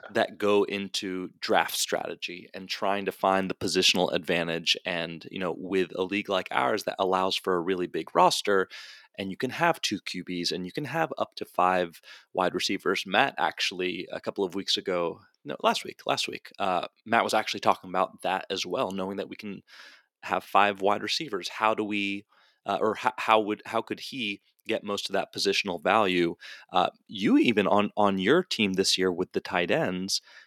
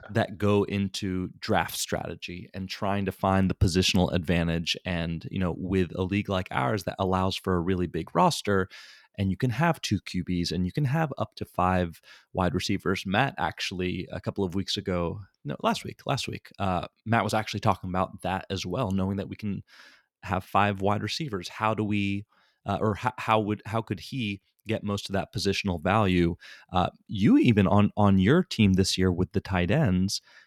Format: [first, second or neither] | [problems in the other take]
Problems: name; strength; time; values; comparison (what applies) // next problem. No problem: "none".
second | thin; somewhat; fading below 350 Hz